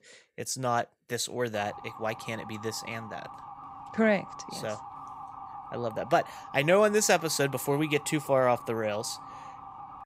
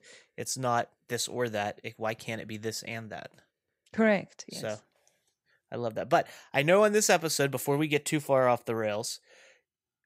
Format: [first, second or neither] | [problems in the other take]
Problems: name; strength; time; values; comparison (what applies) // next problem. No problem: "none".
second | siren; faint; from 1.5 s on; peak 15 dB below the speech